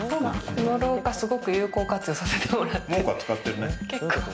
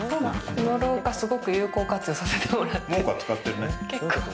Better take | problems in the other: first | background sound (Trumpet); 16 dB below the speech

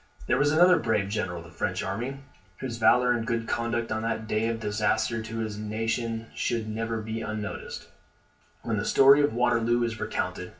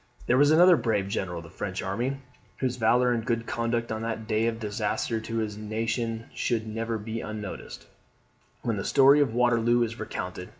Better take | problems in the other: second | room echo; dies away in 0.2 s

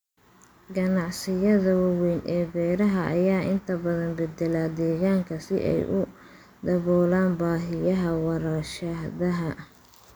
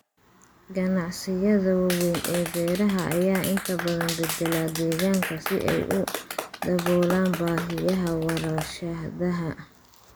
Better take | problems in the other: first | background sound (Clapping); 9 dB below the speech

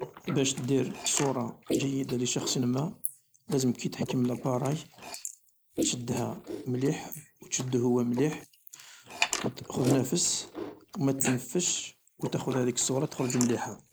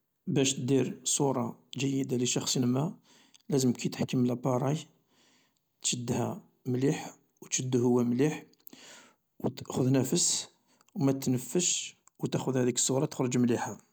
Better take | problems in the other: second | noise reduction (neural mask model Resemble Enhance denoiser)

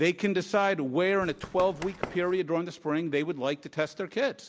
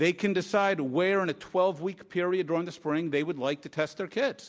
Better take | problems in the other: second | background sound (Run); 12 dB below the speech

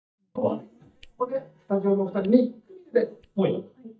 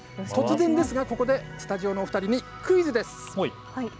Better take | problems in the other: second | noise reduction (neural mask model DeepFilterNet 3)

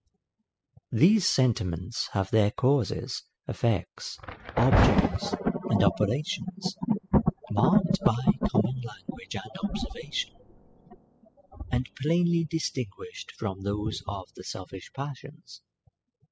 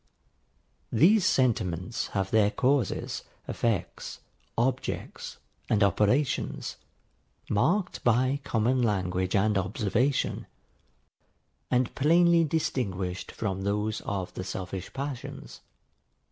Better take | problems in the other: second | noise reduction (classical method spectral subtraction)

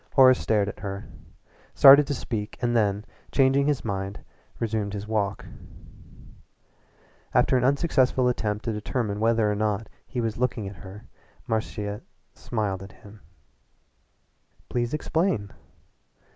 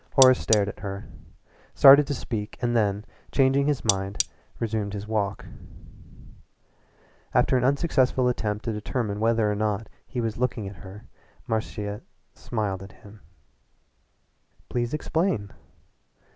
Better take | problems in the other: first | background sound (Cutlery, silverware); 5 dB below the speech

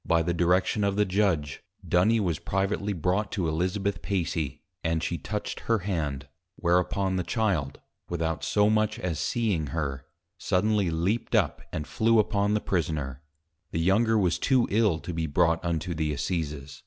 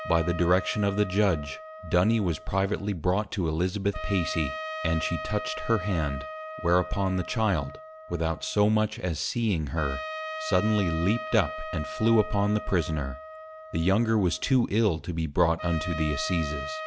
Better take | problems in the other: first | background sound (Trumpet); 11 dB below the speech

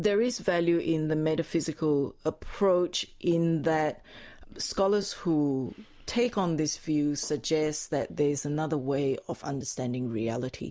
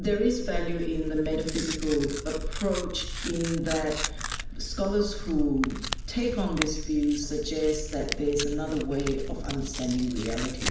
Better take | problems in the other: first | background sound (Tearing); 5 dB below the speech // room echo; dies away in 0.8 s

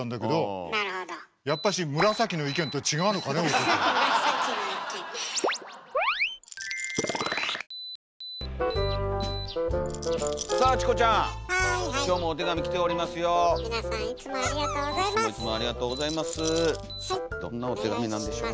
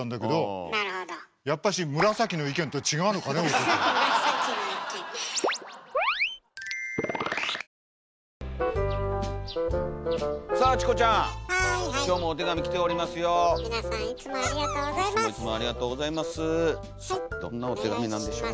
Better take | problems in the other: second | background sound (Alarm + Rattle); 13 dB below the speech

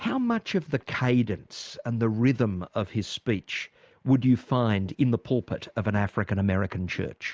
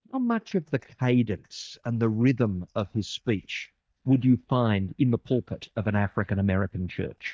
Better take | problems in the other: first | noise reduction (neural mask model DeepFilterNet 3)

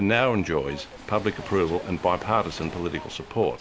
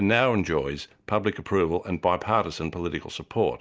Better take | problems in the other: second | background sound (Train + Waves, surf); 15 dB below the speech

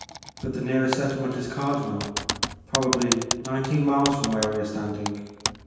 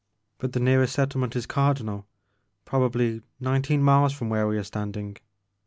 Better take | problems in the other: second | background sound (Typing); 6 dB below the speech // room echo; dies away in 1.2 s

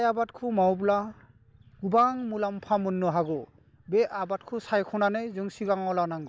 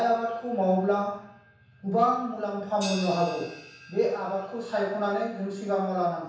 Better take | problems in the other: first | background sound (Crash cymbal); 19 dB below the speech // room echo; dies away in 0.7 s

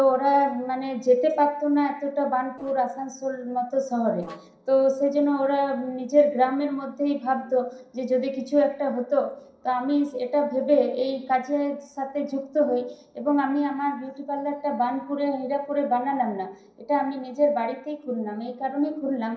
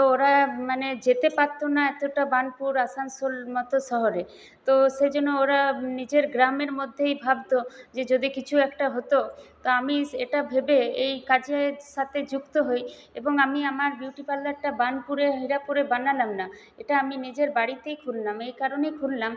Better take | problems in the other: second | noise reduction (neural separator model SepFormer DNS4)

